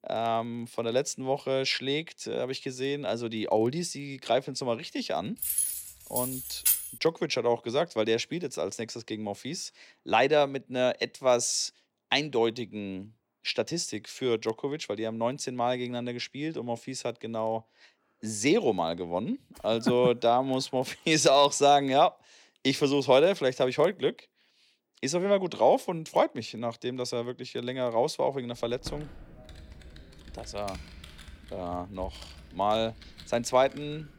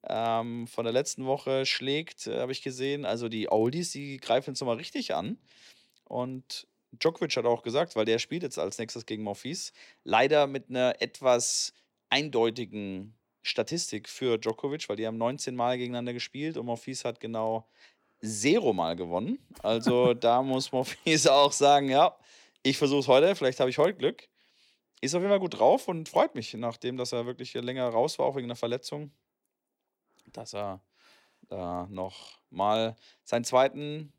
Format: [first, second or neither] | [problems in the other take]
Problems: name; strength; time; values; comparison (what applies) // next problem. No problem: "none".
second | jangling keys; loud; from 5.5 to 7 s; peak 4 dB above the speech // keyboard typing; faint; from 29 s on; peak 15 dB below the speech